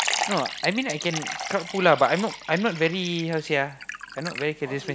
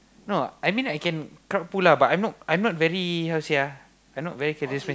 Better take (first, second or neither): second